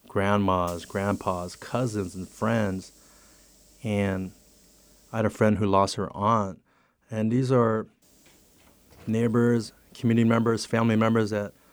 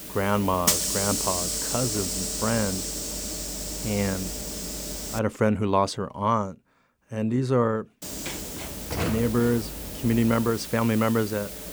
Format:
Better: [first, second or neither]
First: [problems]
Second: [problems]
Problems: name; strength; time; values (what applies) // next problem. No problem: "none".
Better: first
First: hiss; faint; until 5 s and from 8 s on; 25 dB below the speech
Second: hiss; loud; until 5 s and from 8 s on; 3 dB below the speech